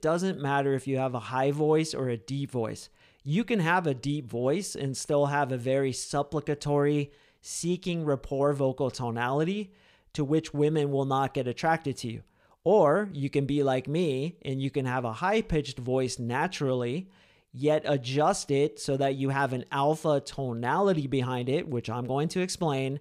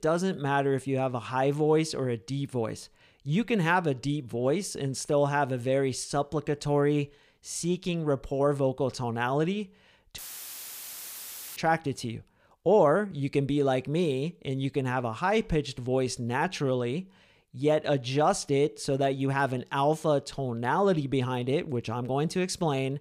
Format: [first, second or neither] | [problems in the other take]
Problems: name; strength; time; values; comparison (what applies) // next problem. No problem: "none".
first | audio cutting out; filled with static; at 10 s for 1.5 s